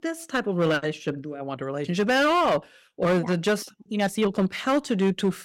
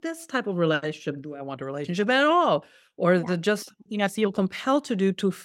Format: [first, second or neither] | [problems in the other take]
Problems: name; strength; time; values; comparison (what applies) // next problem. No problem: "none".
second | distortion; slight; 8% of the sound clipped